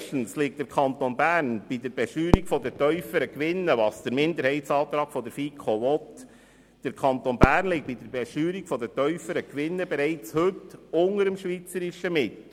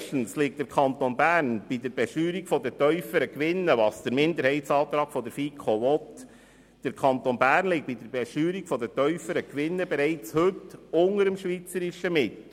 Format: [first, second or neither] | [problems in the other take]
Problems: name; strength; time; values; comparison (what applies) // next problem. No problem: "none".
second | background sound (Fireworks); 6 dB below the speech